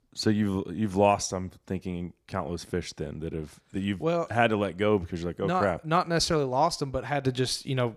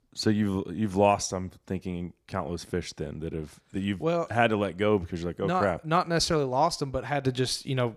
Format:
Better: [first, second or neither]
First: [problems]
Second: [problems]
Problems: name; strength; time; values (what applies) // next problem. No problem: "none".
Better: neither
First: none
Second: none